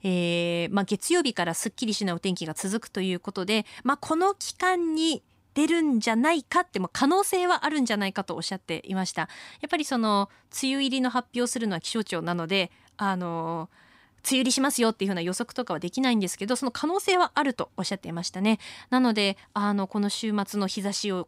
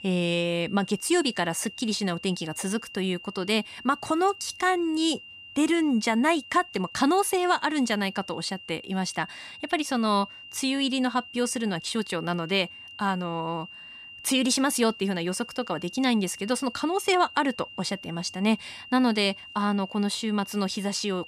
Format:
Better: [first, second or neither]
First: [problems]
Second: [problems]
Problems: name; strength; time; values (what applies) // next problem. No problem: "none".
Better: first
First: none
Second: high-pitched whine; noticeable; throughout; 3 kHz, 15 dB below the speech